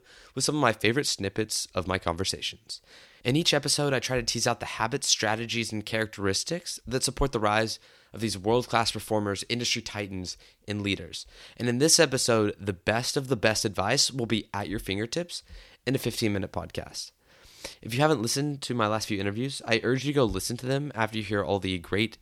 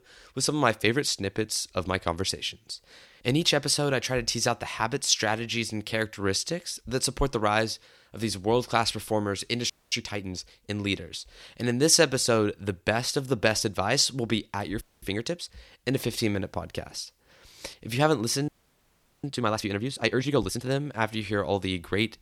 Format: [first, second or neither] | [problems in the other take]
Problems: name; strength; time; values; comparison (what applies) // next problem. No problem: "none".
first | audio freezing; at 9.5 s, at 15 s and at 18 s for 1 s